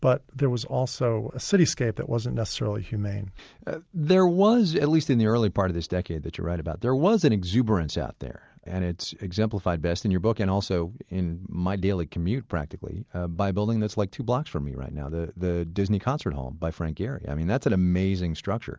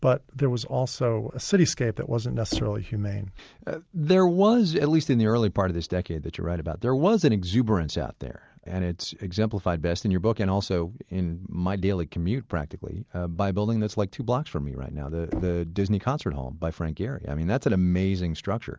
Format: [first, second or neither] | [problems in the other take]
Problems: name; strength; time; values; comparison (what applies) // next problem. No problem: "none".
first | background sound (Knock); 15 dB below the speech